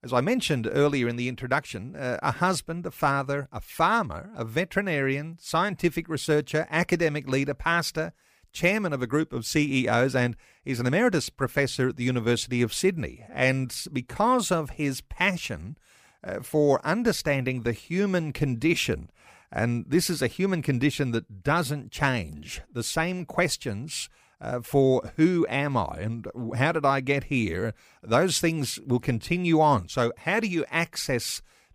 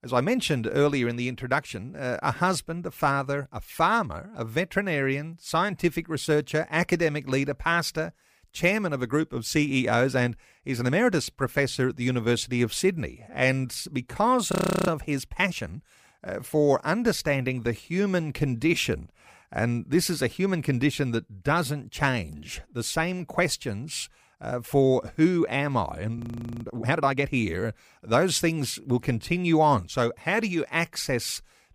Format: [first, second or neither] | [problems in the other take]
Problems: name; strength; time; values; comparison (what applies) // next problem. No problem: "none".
first | audio freezing; at 15 s and at 26 s